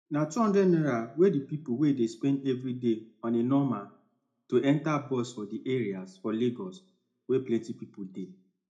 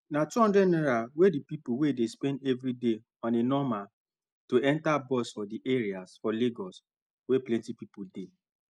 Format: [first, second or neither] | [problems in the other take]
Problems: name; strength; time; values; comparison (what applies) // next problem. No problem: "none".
second | room echo; dies away in 0.3 s